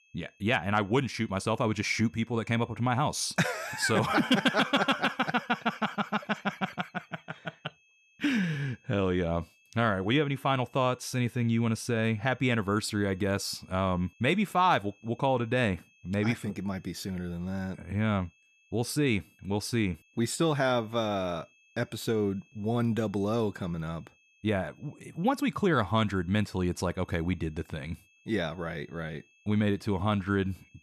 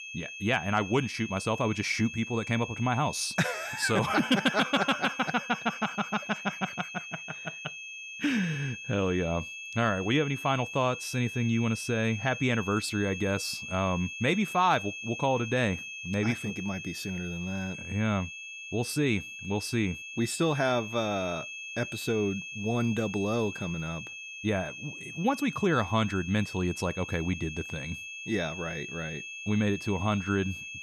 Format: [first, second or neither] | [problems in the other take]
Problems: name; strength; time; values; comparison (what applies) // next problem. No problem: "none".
first | high-pitched whine; loud; throughout; 2.5 kHz, 9 dB below the speech; faint in the first